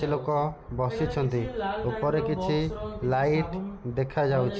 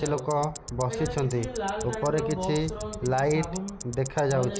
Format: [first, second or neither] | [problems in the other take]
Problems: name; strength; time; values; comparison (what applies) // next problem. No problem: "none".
first | background sound (Tick-tock); 16 dB below the speech